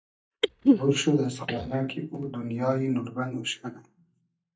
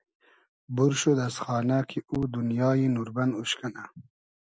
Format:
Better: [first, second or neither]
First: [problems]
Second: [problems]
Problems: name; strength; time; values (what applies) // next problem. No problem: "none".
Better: second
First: noise reduction (neural mask model DeepFilterNet 3)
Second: none